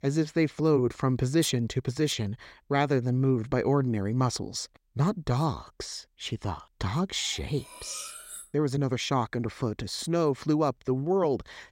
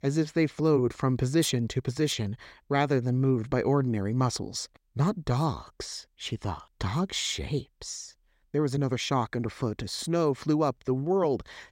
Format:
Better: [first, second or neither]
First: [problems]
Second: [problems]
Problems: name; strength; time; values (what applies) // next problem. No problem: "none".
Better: second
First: clattering dishes; faint; from 7 to 8.5 s; peak 10 dB below the speech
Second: none